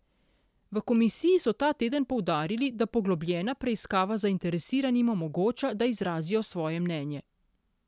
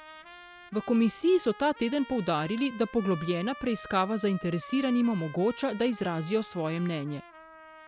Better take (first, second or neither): first